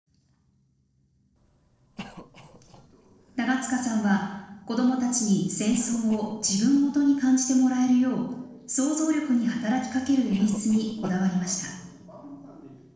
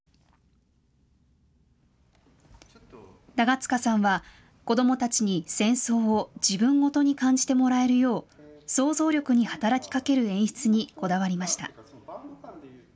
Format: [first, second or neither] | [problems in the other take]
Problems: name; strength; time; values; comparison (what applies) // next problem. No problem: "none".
second | noise reduction (neural separator model SepFormer DNS4)